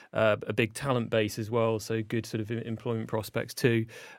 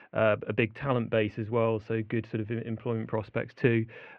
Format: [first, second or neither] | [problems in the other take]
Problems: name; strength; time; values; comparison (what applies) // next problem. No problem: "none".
first | muffled; very; fading above 2.5 kHz